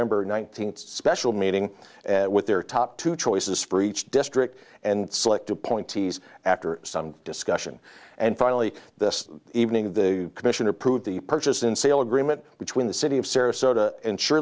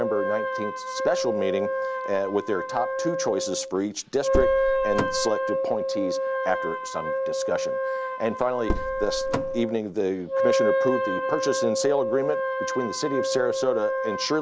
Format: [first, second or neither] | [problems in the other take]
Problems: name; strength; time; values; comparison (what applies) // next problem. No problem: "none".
first | background sound (Wind instrument, woodwind instrument + Car); 1 dB above the speech